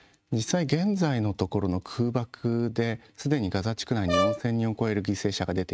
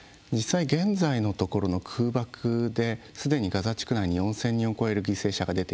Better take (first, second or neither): second